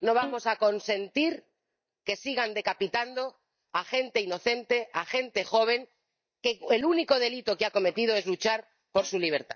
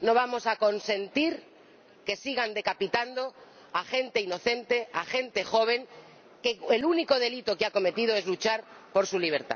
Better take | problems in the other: second | noise reduction (neural mask model DeepFilterNet 3)

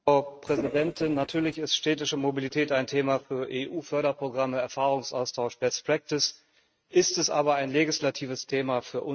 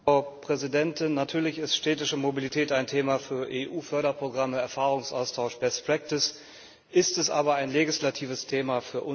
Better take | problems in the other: second | noise reduction (neural mask model RNNoise)

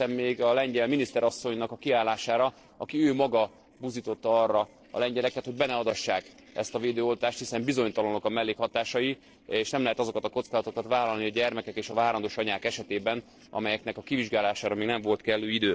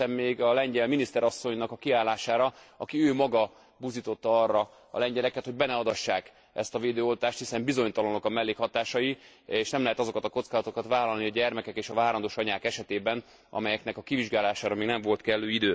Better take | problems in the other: second | noise reduction (neural separator model SepFormer DNS4)

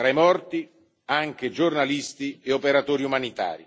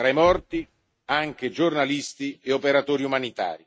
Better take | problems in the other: first | noise reduction (neural mask model RNNoise)

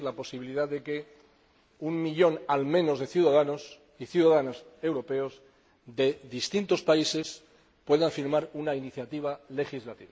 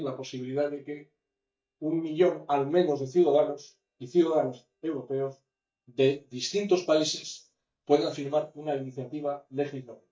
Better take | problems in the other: first | noise reduction (neural mask model DeepFilterNet 3)

